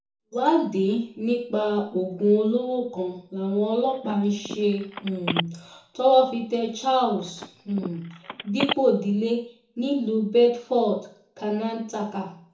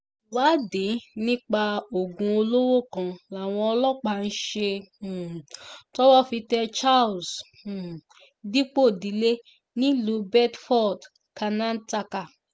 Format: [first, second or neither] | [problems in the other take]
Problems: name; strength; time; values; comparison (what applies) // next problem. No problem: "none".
second | background sound (Telephone); 10 dB below the speech // room echo; dies away in 0.7 s